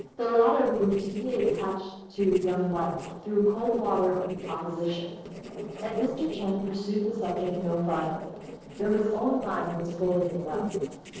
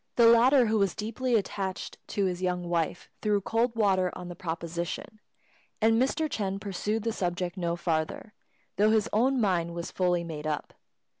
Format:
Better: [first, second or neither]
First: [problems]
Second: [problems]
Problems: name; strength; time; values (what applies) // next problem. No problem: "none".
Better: second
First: noise reduction (neural separator model SepFormer DNS4)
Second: none